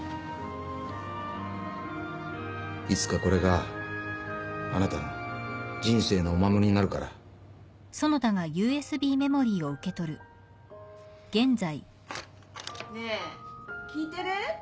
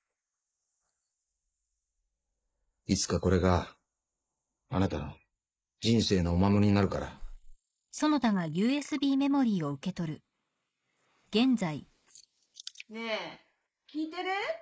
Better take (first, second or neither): first